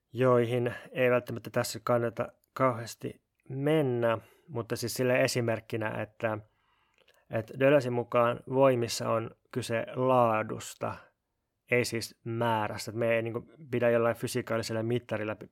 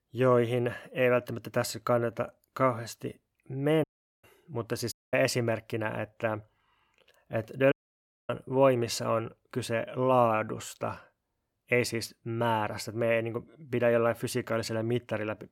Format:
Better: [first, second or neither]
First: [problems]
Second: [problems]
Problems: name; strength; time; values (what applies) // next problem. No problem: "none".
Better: first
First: none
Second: audio cutting out; at 4 s, at 5 s and at 7.5 s for 0.5 s